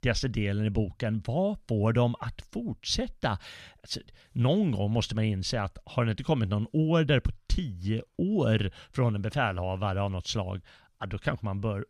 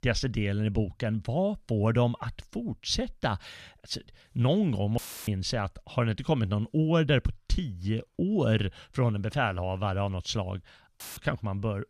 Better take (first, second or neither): first